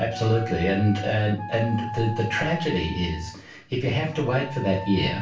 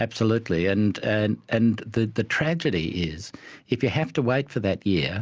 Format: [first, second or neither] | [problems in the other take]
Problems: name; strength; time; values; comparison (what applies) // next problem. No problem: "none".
second | background sound (Wind instrument, woodwind instrument); 12 dB below the speech // room echo; dies away in 0.3 s